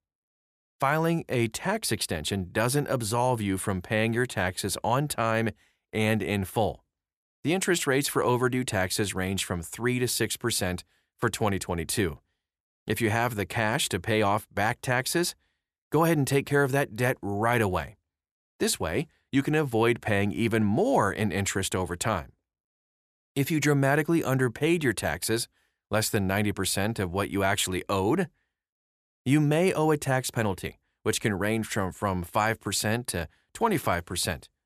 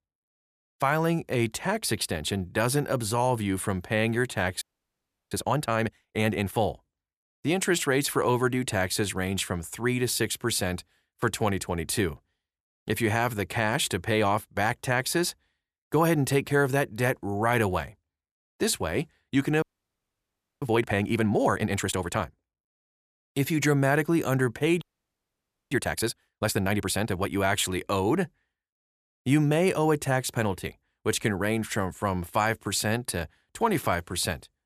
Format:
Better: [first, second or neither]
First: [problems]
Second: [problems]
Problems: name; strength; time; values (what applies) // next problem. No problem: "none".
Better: first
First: none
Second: audio freezing; at 4.5 s for 0.5 s, at 20 s for 1 s and at 25 s for 1 s